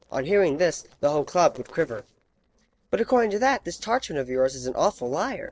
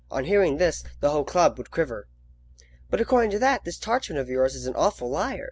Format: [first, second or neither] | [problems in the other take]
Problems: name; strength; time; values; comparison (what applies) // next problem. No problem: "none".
second | noise reduction (neural separator model SepFormer DNS4)